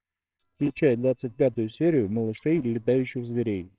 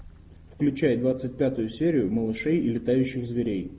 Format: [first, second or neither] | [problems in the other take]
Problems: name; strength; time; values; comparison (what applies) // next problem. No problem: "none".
second | noise reduction (neural separator model SepFormer WHAMR!)